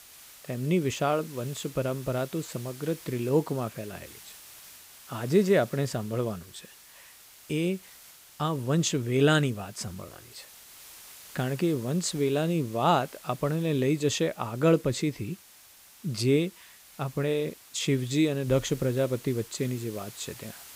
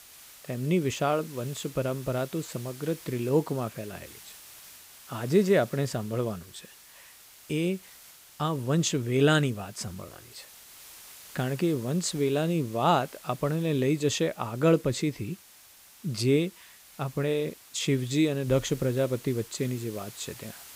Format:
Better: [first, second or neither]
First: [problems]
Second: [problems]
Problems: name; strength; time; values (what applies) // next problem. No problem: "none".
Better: neither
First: hiss; noticeable; throughout; 20 dB below the speech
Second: hiss; noticeable; throughout; 20 dB below the speech